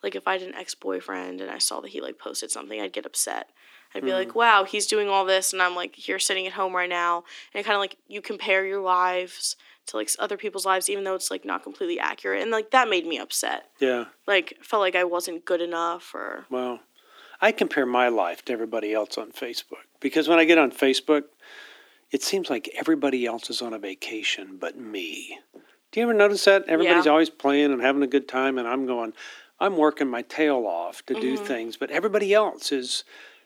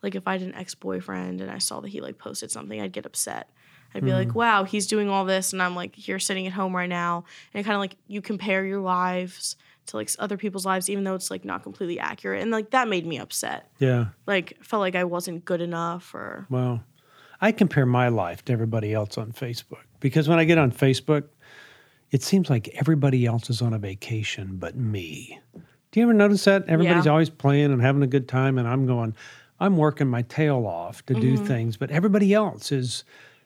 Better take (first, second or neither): second